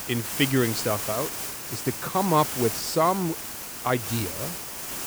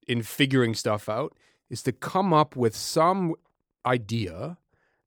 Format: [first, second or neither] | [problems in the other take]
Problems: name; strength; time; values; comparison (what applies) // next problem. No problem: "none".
second | hiss; loud; throughout; 4 dB below the speech